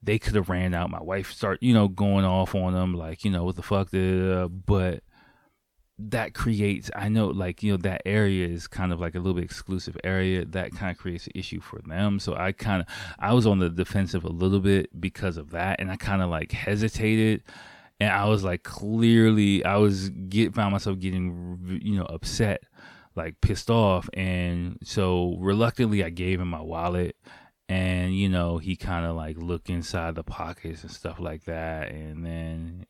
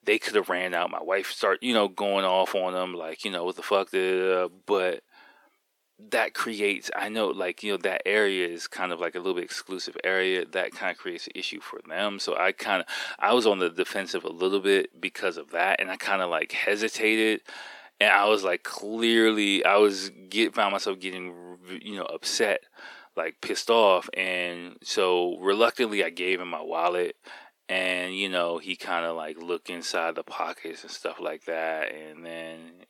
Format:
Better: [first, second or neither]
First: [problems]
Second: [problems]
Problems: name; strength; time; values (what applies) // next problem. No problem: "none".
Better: first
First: none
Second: thin; very; fading below 350 Hz